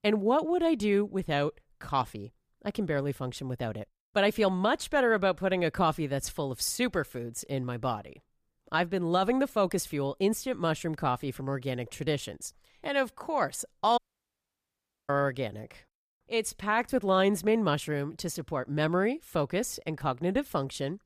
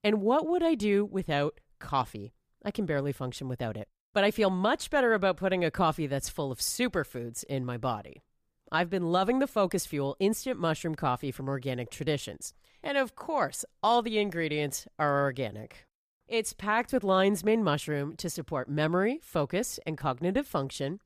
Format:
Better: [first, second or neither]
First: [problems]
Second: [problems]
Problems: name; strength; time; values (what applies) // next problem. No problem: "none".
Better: second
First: audio cutting out; at 14 s for 1 s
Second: none